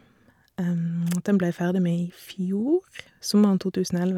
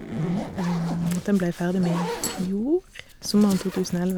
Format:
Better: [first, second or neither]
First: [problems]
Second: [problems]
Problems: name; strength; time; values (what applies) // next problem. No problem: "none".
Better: first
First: none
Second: background sound (Zipper (clothing)); 8 dB below the speech